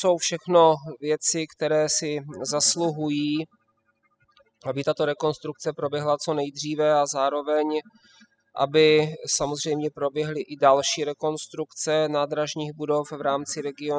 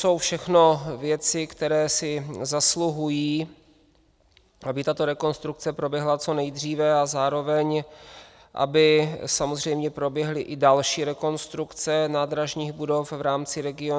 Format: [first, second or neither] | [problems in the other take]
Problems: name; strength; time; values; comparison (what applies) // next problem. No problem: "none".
second | noise reduction (classical method spectral subtraction)